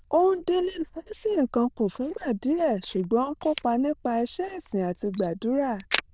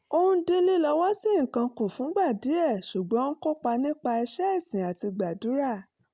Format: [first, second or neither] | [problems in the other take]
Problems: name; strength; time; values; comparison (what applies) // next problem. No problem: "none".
second | noise reduction (neural diffusion model UNIVERSE++)